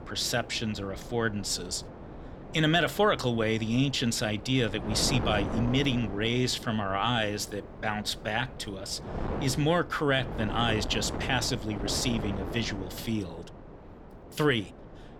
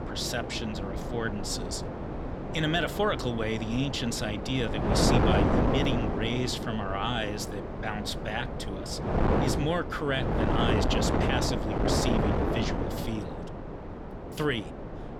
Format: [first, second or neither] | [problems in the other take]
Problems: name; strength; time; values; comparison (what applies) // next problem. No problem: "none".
first | wind noise on the microphone; heavy; as loud as the speech; occasional gusts in the first